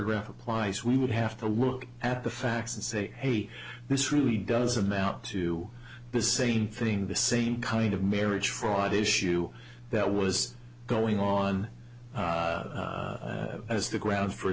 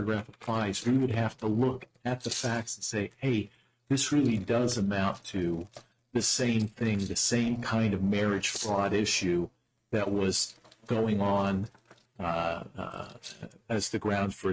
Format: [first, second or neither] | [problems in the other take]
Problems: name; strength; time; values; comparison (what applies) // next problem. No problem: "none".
first | noise reduction (neural mask model RNNoise)